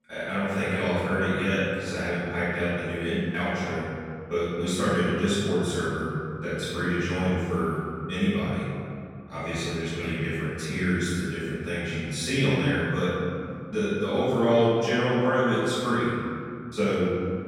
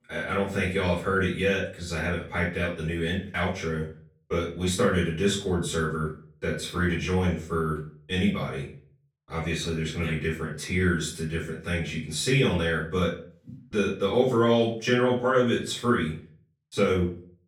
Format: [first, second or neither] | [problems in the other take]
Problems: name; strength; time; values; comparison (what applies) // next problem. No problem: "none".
second | room echo; strong; dies away in 2.3 s; slight in the second // off-mic speech; far; far in the second